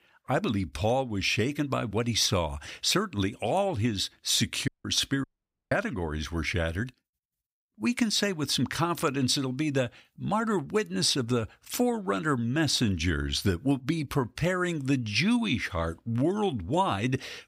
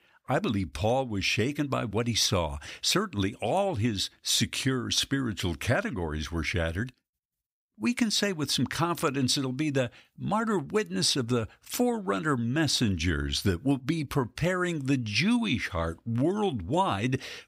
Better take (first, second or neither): second